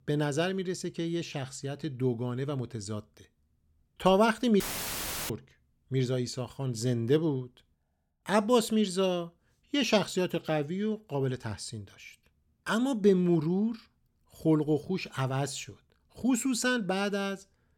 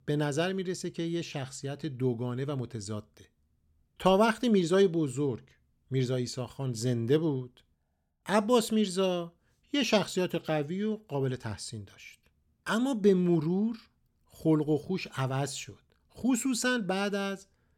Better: second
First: audio cutting out; filled with static; at 4.5 s for 0.5 s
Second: none

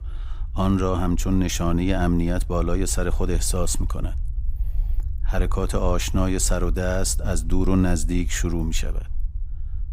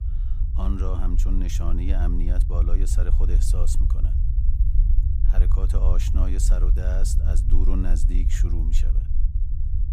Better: first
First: low rumble; faint; throughout; 25 dB below the speech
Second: low rumble; loud; throughout; 6 dB below the speech

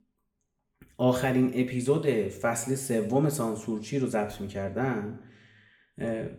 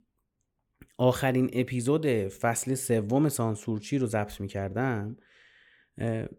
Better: second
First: room echo; slight; dies away in 0.6 s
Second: none

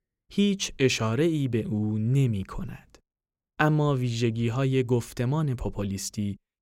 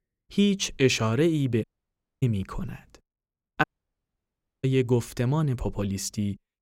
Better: first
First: none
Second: audio cutting out; at 1.5 s for 0.5 s and at 3.5 s for 1 s

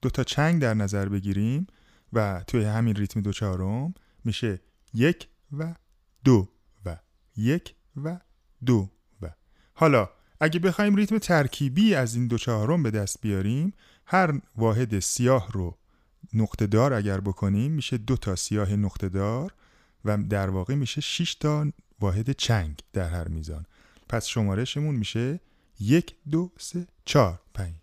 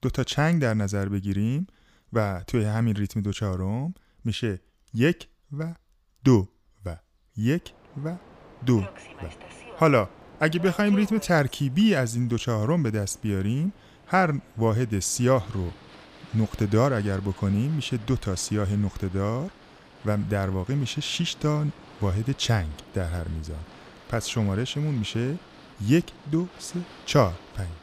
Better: first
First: none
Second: train or aircraft noise; faint; from 8 s on; 20 dB below the speech

